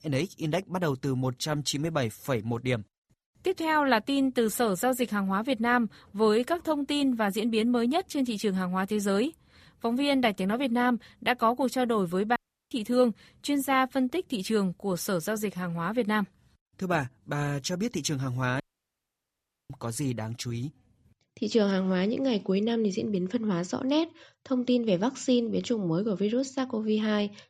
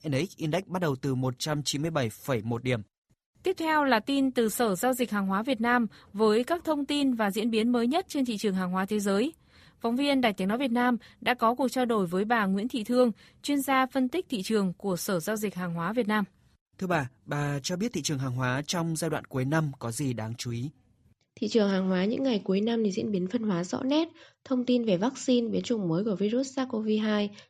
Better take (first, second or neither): second